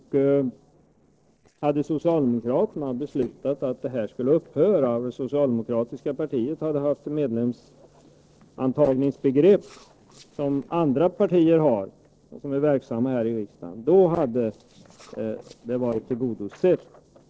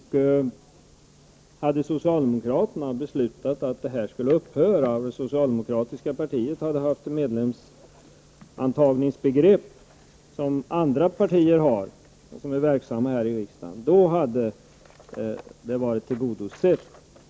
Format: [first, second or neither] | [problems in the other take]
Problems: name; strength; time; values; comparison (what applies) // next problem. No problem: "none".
second | noise reduction (neural separator model SepFormer DNS4)